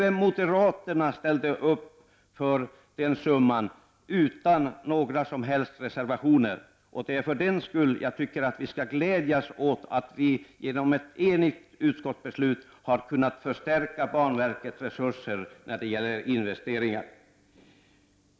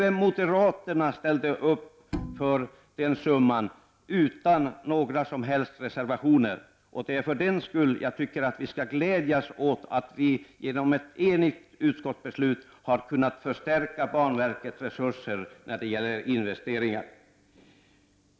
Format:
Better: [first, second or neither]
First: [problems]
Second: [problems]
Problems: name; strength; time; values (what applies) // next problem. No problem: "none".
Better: first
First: none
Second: background sound (Bowed string instrument); 12 dB below the speech